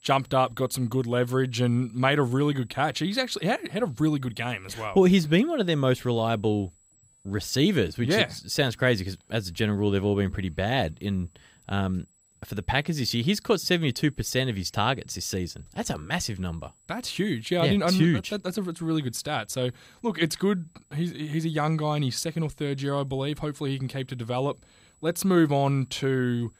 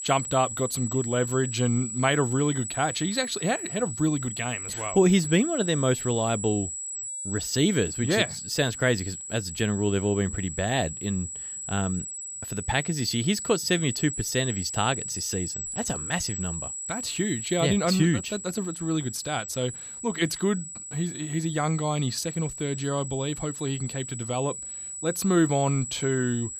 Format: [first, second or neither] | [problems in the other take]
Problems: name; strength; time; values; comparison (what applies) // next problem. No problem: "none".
first | high-pitched whine; loud; throughout; 8 kHz, 6 dB below the speech; faint in the first